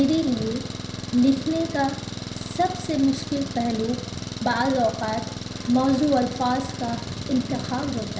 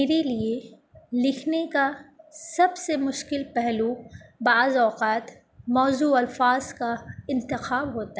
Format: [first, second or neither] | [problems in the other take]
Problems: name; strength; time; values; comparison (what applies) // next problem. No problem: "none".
second | background sound (Engine); 8 dB below the speech // room echo; dies away in 0.5 s